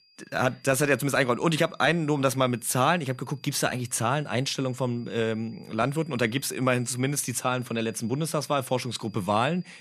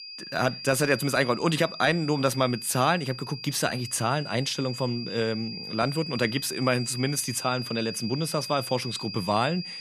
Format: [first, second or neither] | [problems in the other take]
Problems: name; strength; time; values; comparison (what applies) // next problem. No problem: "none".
first | high-pitched whine; loud; throughout; 5 kHz, 9 dB below the speech; faint in the first